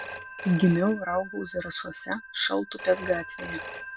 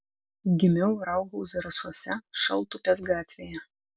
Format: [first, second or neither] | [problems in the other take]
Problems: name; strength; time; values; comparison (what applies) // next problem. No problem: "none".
second | background sound (Telephone); 12 dB below the speech